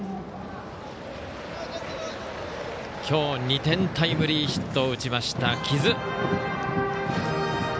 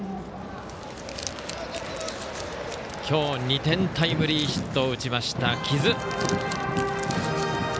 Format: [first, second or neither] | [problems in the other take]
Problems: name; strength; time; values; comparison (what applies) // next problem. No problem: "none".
first | background sound (Crumpling, crinkling); 16 dB below the speech